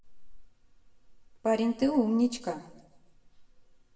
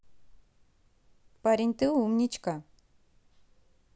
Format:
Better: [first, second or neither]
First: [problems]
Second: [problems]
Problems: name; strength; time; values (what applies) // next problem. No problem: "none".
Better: second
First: room echo; dies away in 0.9 s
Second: none